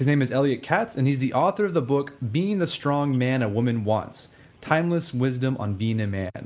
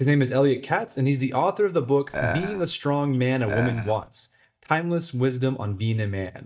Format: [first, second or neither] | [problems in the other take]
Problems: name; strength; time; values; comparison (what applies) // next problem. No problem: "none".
first | noise reduction (neural mask model DeepFilterNet 3)